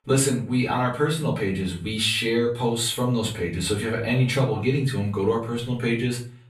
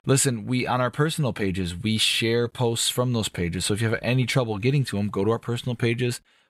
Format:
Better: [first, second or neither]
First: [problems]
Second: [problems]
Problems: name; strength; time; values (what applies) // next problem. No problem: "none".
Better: second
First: off-mic speech; far // room echo; slight; dies away in 0.3 s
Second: none